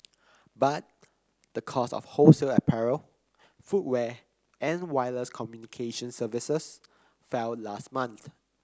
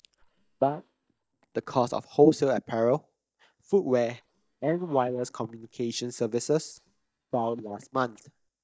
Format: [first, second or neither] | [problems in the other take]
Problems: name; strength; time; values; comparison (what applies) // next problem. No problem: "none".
first | noise reduction (neural mask model DeepFilterNet 3)